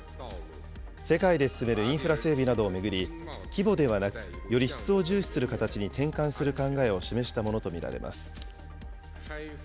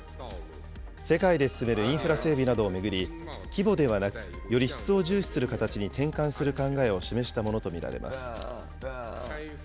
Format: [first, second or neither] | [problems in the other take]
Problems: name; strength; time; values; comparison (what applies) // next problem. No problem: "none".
first | background sound (Burping, eructation); 10 dB below the speech